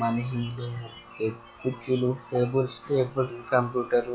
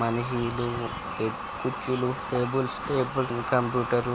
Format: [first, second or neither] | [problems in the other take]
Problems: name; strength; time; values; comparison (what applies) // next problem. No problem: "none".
second | noise reduction (classical method log-MMSE)